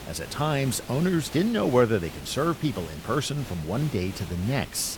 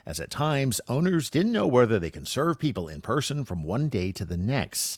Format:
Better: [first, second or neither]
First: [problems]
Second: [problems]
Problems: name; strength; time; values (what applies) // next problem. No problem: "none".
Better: second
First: hiss; noticeable; throughout; 15 dB below the speech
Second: none